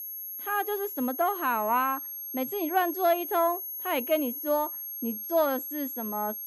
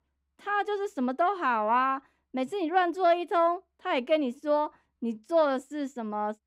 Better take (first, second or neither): second